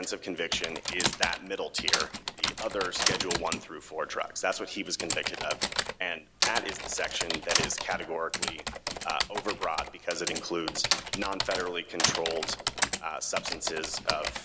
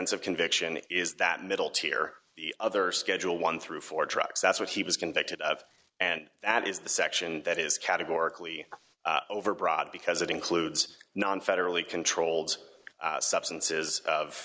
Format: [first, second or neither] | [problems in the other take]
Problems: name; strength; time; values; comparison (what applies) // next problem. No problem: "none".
second | background sound (Slam + Typing); 1 dB above the speech